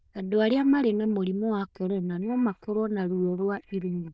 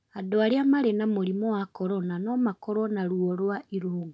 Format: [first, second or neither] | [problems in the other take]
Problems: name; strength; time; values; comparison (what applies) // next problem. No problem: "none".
second | noise reduction (neural diffusion model UNIVERSE++)